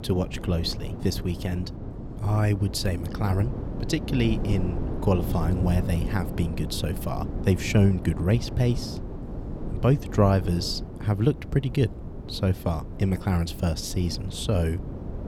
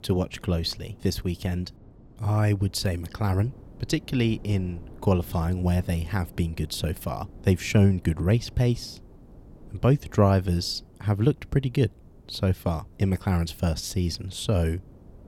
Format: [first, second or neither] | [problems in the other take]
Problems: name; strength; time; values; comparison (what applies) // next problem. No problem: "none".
second | wind noise on the microphone; heavy; 10 dB below the speech; occasional gusts in the second